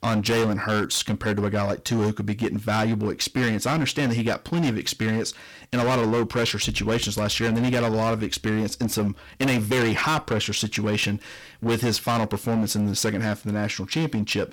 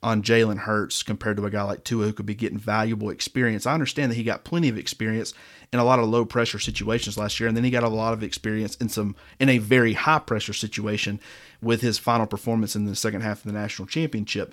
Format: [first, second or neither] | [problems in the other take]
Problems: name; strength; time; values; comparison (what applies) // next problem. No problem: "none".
second | distortion; heavy; 18% of the sound clipped